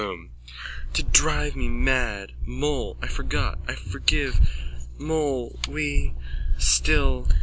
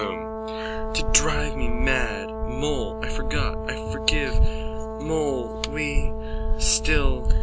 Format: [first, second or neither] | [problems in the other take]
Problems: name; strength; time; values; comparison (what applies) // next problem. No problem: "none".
first | background sound (Brass instrument); 9 dB below the speech